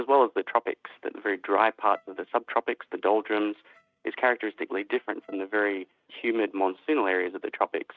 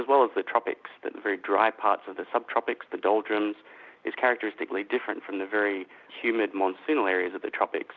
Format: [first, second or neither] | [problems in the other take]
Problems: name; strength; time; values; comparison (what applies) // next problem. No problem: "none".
second | noise reduction (neural mask model RNNoise)